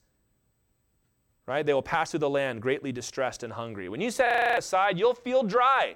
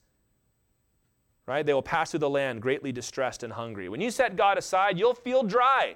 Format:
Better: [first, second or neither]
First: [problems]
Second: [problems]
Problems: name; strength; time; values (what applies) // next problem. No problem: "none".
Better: second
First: audio freezing; at 4.5 s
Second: none